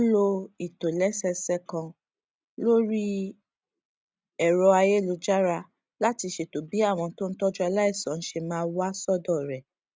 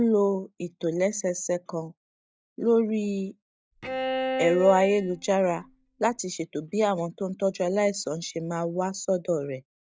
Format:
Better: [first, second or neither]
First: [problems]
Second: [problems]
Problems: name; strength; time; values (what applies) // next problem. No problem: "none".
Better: first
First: none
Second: noise reduction (neural mask model DeepFilterNet 3)